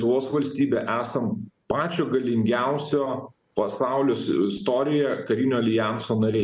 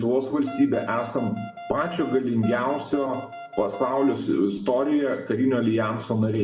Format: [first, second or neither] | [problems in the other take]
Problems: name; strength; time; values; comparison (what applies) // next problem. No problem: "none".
first | background sound (Wind instrument, woodwind instrument); 14 dB below the speech // room echo; dies away in 1.2 s